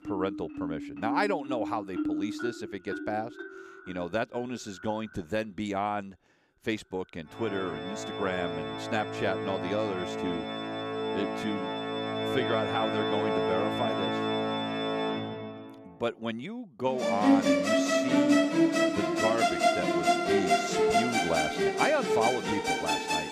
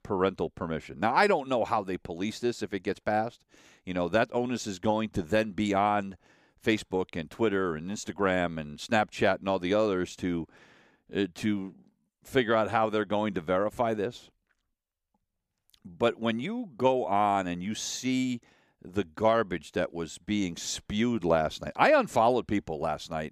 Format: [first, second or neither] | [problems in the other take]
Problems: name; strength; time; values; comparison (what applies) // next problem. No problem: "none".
second | background music; very loud; throughout; 4 dB above the speech